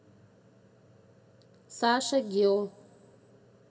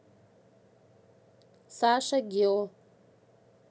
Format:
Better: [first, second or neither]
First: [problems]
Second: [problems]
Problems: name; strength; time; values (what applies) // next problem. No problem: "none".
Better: second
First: room echo; dies away in 1.5 s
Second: none